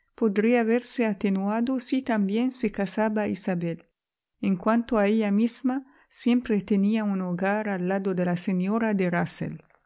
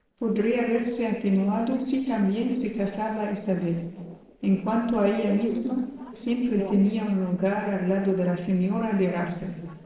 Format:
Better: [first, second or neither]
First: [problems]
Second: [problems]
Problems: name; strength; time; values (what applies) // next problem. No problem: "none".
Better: first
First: none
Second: noise reduction (neural separator model SepFormer DNS4)